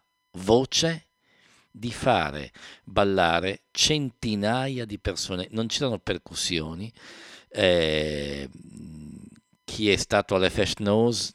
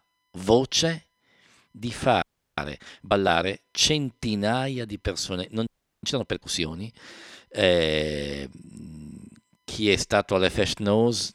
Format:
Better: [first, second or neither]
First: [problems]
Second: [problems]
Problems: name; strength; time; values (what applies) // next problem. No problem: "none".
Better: first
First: none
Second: audio freezing; at 2 s and at 5.5 s